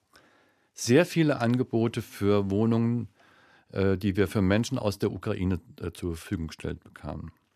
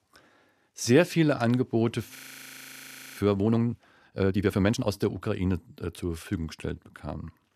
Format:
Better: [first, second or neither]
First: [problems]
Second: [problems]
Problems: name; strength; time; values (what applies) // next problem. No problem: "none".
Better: first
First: none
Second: audio freezing; at 2 s for 1 s